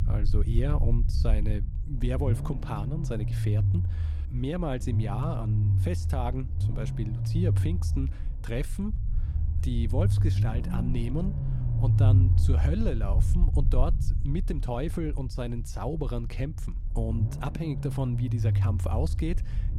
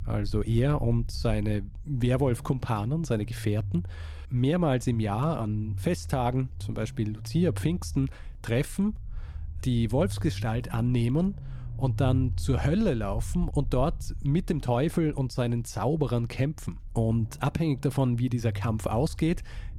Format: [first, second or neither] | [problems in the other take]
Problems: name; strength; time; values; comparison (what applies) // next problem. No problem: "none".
second | low rumble; loud; throughout; 5 dB below the speech; faint in the second